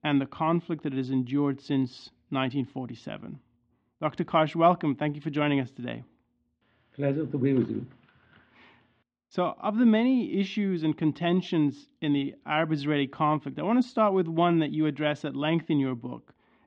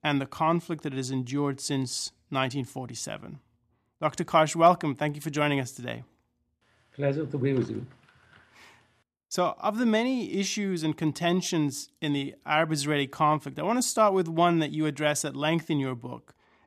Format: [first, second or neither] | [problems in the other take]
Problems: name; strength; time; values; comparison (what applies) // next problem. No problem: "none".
second | muffled; slightly; fading above 3.5 kHz